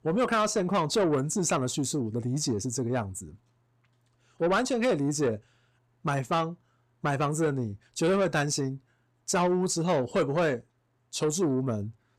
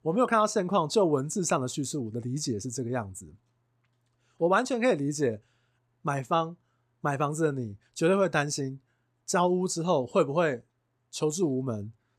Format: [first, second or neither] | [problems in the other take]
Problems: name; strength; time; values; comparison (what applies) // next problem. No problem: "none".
second | distortion; slight; 10 dB below the speech